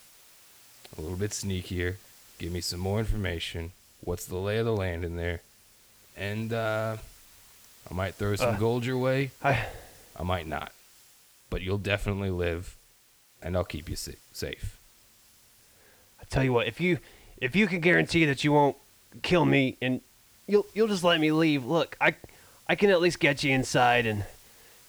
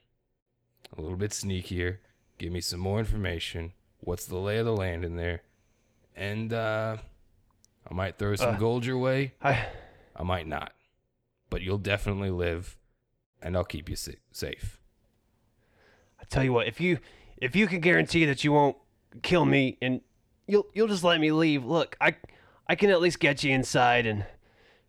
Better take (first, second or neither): second